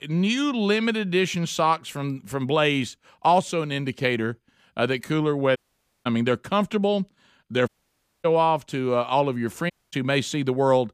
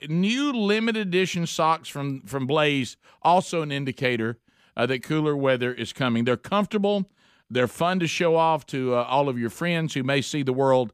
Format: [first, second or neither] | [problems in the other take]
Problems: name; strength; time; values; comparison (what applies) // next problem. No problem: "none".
second | audio cutting out; at 5.5 s, at 7.5 s for 0.5 s and at 9.5 s